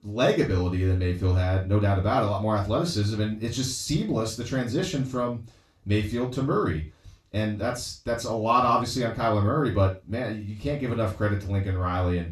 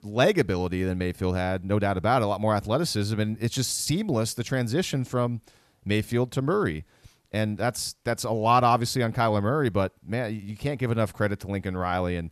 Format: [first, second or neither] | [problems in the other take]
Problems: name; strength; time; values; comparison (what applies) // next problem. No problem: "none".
second | room echo; slight; dies away in 0.2 s // off-mic speech; far